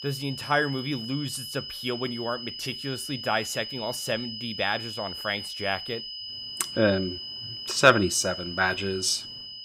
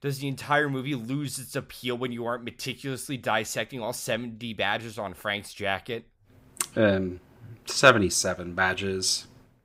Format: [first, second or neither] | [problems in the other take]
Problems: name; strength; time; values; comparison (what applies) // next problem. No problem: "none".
second | high-pitched whine; loud; throughout; 5 kHz, 7 dB below the speech